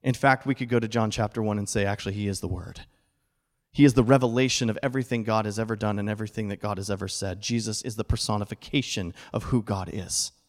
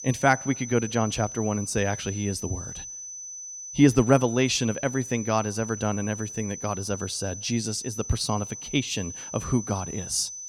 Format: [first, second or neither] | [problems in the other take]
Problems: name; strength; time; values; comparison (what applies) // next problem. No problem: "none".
first | high-pitched whine; loud; throughout; 6 kHz, 9 dB below the speech